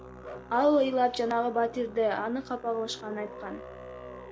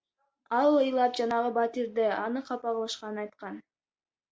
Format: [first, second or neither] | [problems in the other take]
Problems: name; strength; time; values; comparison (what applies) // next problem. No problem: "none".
second | background sound (Musical instrument); 15 dB below the speech